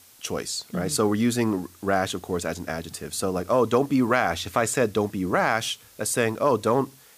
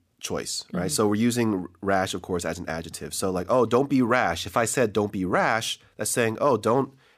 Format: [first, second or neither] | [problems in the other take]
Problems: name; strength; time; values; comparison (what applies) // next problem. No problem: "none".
second | hiss; faint; throughout; 25 dB below the speech